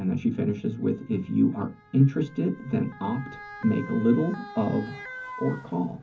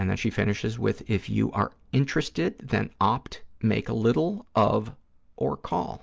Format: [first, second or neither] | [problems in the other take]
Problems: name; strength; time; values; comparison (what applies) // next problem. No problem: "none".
second | background sound (Motor vehicle (road) / Siren); 17 dB below the speech // room echo; dies away in 0.3 s